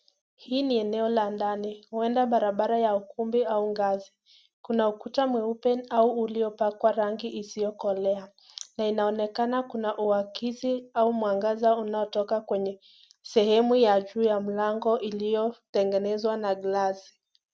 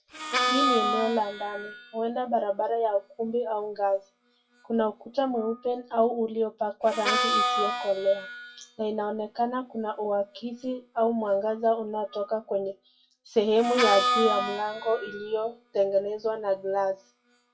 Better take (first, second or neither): first